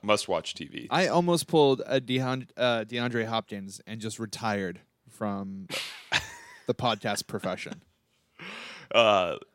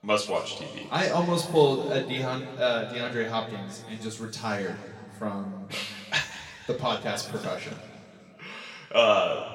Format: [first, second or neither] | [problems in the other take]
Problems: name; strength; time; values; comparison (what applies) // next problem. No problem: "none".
first | room echo; slight; dies away in 2 s // off-mic speech; somewhat distant